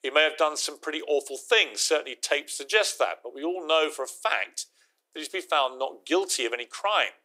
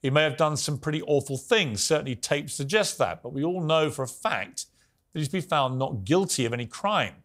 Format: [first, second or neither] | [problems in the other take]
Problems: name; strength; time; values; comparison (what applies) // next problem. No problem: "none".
second | thin; very; fading below 350 Hz